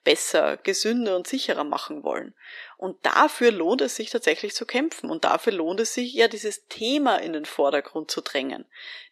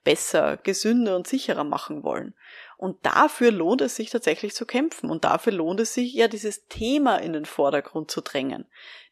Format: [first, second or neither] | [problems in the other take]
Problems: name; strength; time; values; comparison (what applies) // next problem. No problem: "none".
second | thin; very slightly; fading below 350 Hz